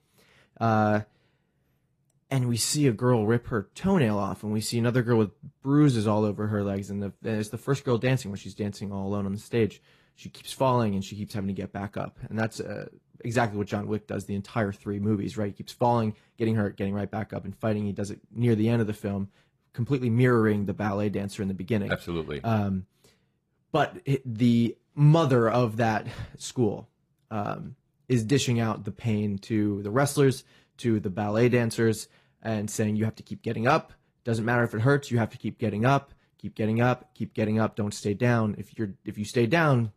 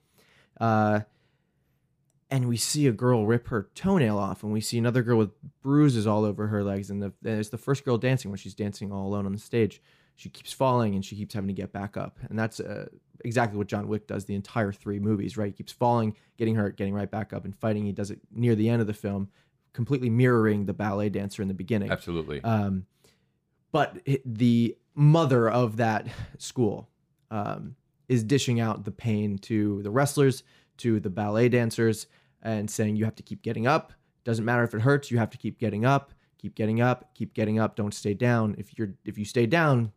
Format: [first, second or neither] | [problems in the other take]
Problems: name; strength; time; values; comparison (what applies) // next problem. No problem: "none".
second | garbled, watery; slightly; nothing above 15 kHz